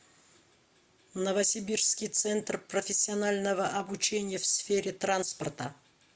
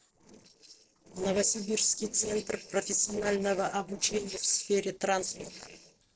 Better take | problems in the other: first | noise reduction (neural separator model SepFormer DNS4)

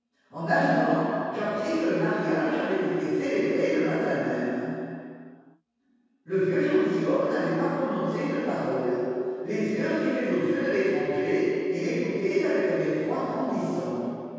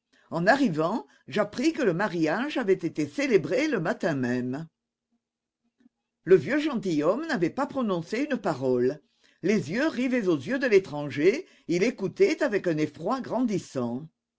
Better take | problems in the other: second | room echo; dies away in 2.2 s

